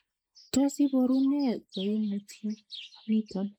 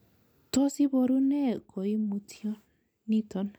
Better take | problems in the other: second | noise reduction (neural mask model Resemble Enhance denoiser)

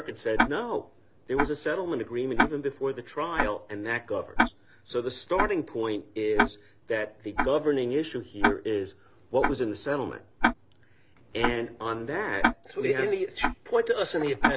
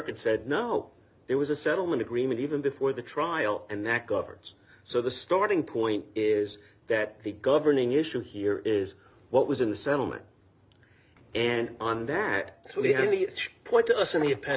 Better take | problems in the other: second | background sound (Tick-tock); 2 dB below the speech

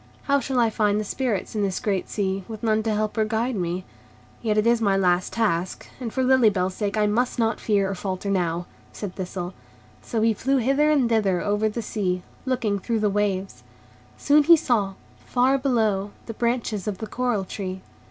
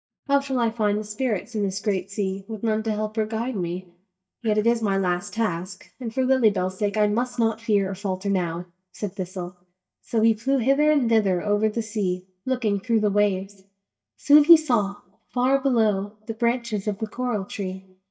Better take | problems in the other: first | noise reduction (neural mask model DeepFilterNet 3)

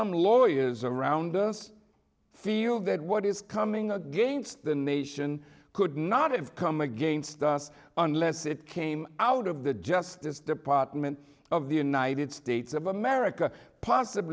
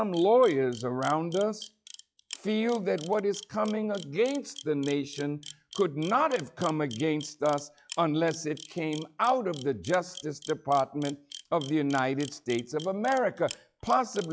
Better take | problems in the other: first | noise reduction (classical method log-MMSE)

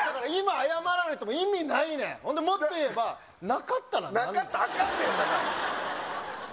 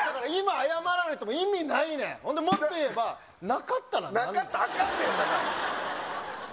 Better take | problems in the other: first | background sound (Snare drum); 11 dB below the speech

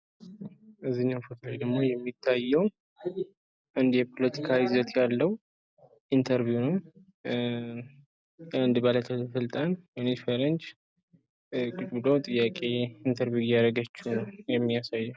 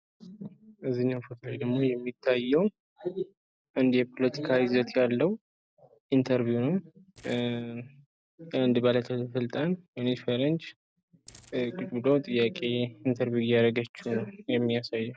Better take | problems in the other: first | noise reduction (neural separator model SepFormer DNS4)

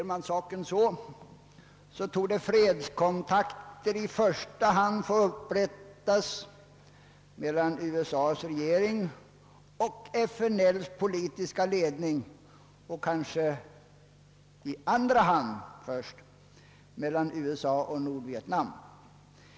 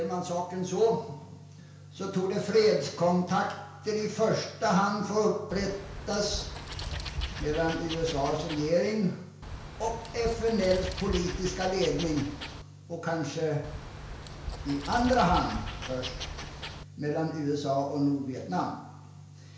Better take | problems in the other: first | background sound (Wild animals); 8 dB below the speech // room echo; dies away in 0.5 s

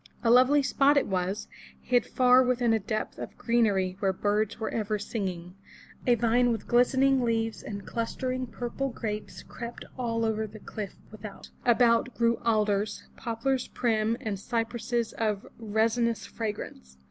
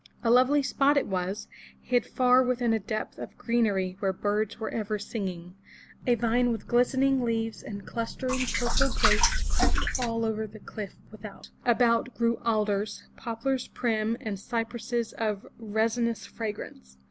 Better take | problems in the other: first | background sound (Liquid); 5 dB above the speech

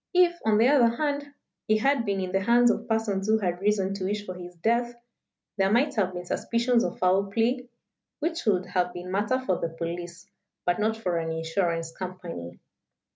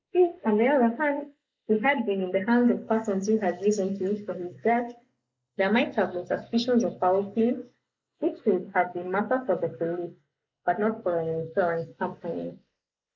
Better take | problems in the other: first | noise reduction (neural mask model Resemble Enhance denoiser)

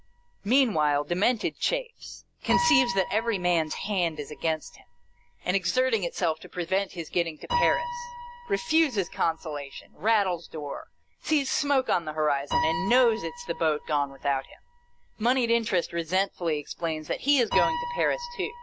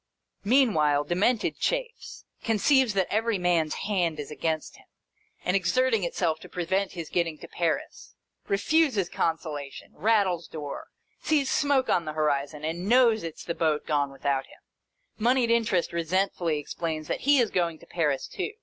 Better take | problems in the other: second | background sound (Piano); 9 dB below the speech

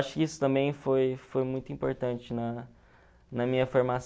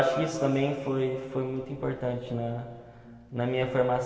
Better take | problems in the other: first | room echo; dies away in 2.3 s

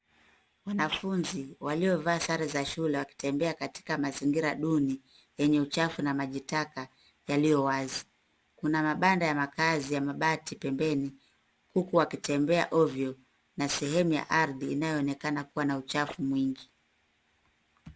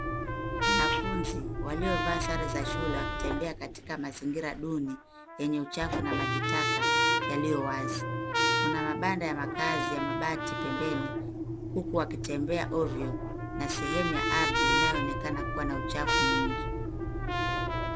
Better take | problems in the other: first | background sound (Engine + Trumpet); 4 dB above the speech

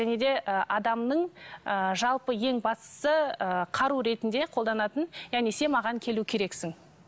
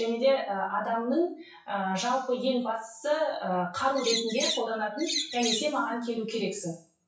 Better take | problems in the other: first | noise reduction (classical method WPE with log-MMSE)

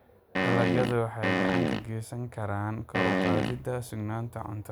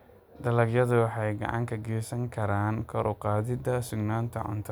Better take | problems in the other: second | background sound (Fart); 4 dB above the speech

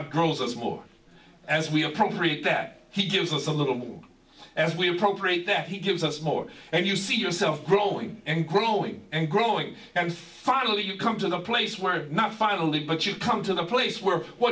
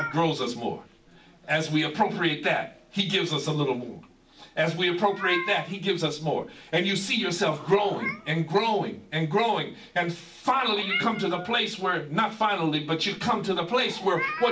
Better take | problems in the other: first | background sound (Meow); 13 dB below the speech

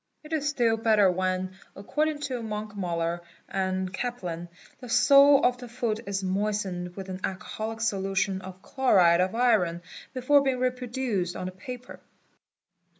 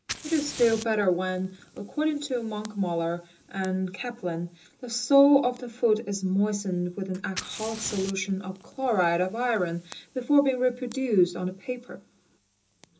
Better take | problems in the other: first | background sound (Fire); 19 dB below the speech // room echo; dies away in 0.2 s

